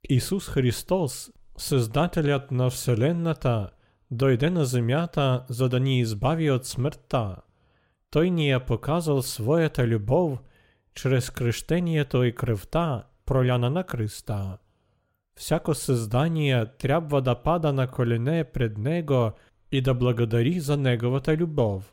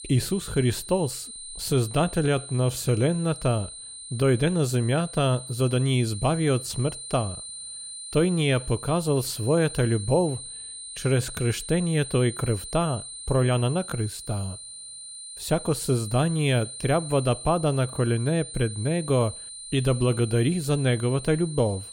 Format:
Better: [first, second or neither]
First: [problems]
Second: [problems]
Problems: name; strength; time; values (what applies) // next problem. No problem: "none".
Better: first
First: none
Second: high-pitched whine; noticeable; throughout; 9 kHz, 10 dB below the speech